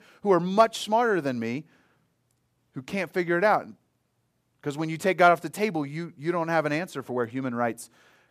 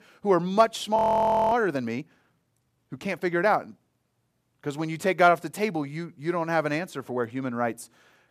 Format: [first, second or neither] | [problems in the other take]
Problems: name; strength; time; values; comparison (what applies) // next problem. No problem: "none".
first | audio freezing; at 1 s for 0.5 s